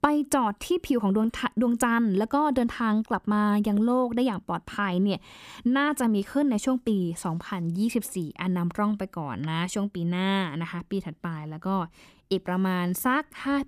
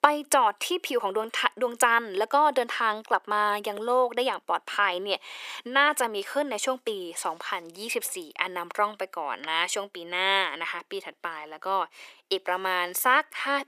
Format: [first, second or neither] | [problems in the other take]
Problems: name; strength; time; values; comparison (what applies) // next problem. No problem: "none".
first | thin; very; fading below 450 Hz